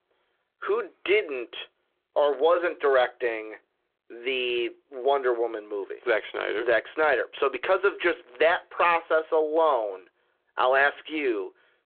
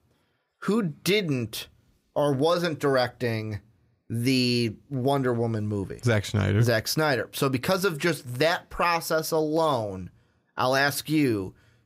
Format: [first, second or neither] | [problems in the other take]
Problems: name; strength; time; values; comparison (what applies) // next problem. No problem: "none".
second | phone-call audio